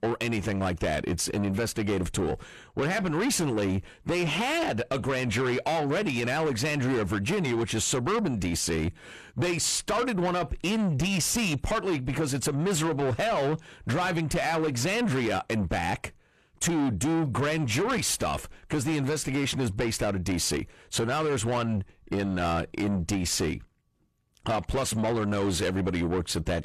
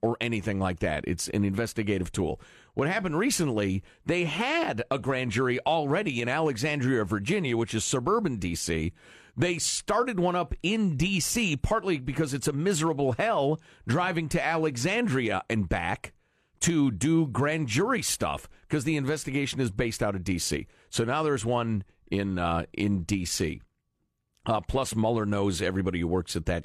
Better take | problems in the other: second | distortion; heavy; 8 dB below the speech

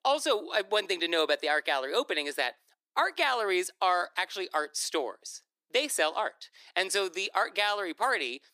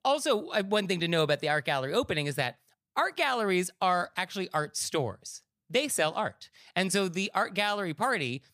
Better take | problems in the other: second | thin; very; fading below 300 Hz

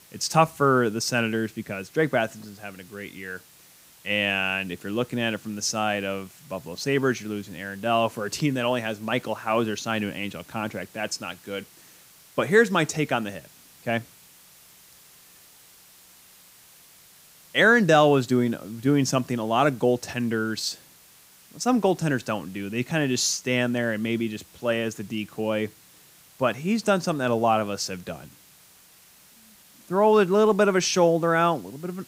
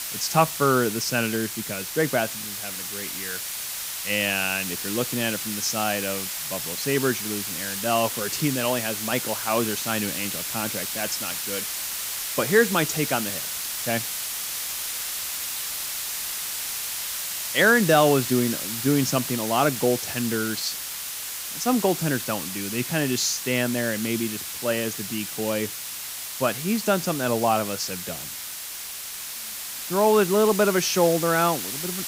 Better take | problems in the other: first | hiss; loud; throughout; 4 dB below the speech; faint in the first

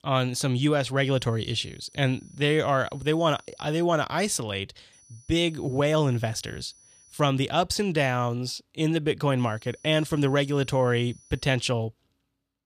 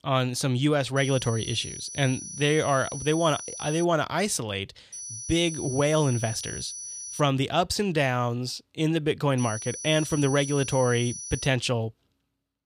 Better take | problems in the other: first | high-pitched whine; loud; from 1 to 4 s, from 5 to 7 s and from 9.5 to 11 s; 6 kHz, 10 dB below the speech; faint in the first

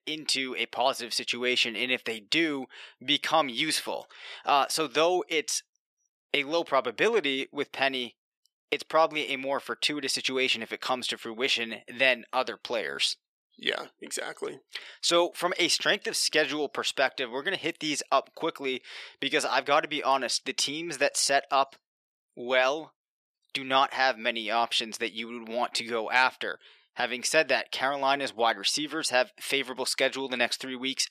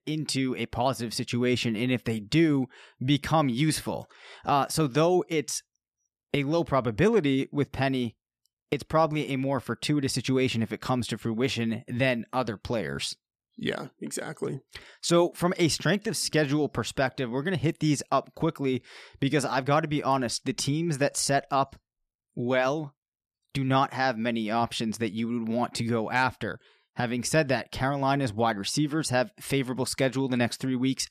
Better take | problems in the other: second | thin; somewhat; fading below 500 Hz

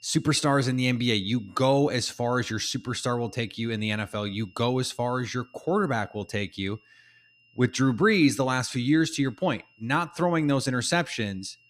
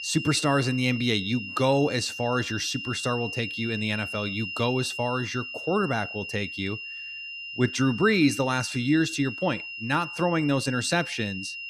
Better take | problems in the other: first | high-pitched whine; loud; throughout; 3 kHz, 8 dB below the speech; faint in the first

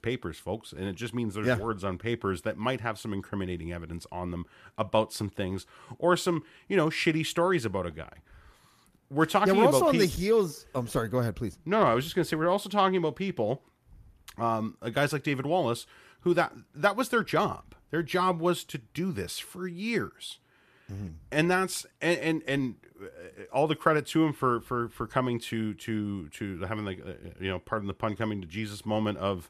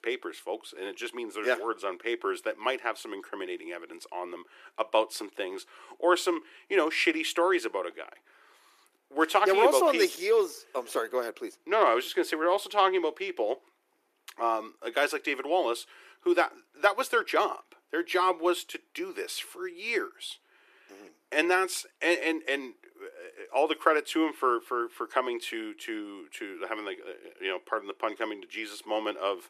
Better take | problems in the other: first | thin; very; fading below 350 Hz

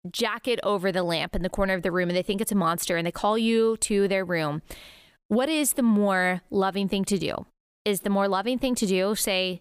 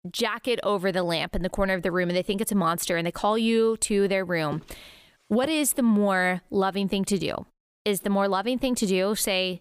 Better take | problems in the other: first | footsteps; faint; at 4.5 s; peak 15 dB below the speech

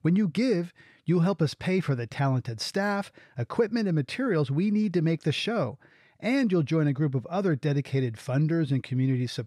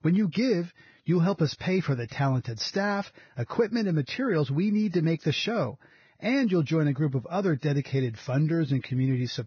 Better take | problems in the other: first | garbled, watery; badly; nothing above 6 kHz

